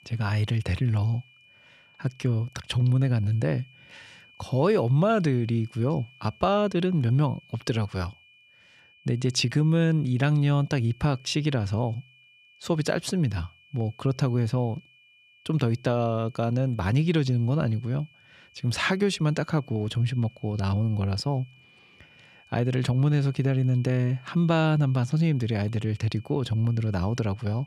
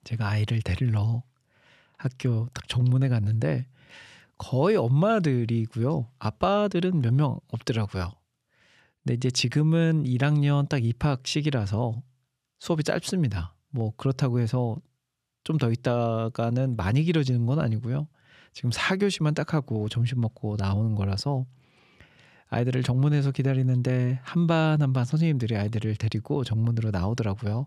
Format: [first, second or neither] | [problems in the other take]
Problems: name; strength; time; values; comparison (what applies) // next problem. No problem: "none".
second | high-pitched whine; faint; throughout; 2.5 kHz, 30 dB below the speech